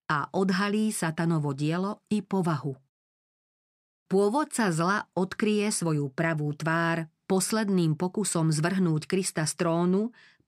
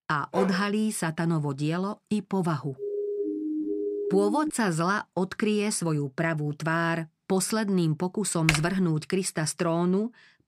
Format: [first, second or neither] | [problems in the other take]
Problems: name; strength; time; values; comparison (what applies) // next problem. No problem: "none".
first | dog barking; noticeable; at 0.5 s; peak 6 dB below the speech // siren; noticeable; from 3 to 4.5 s; peak 3 dB below the speech // keyboard typing; noticeable; at 8.5 s; peak level with the speech